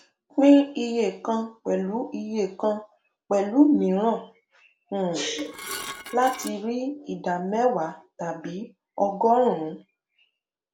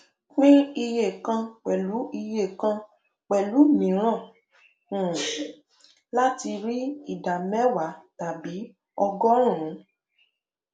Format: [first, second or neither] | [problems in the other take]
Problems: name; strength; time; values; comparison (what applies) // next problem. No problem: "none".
second | background sound (Dishes, pots, and pans / Glass); 12 dB below the speech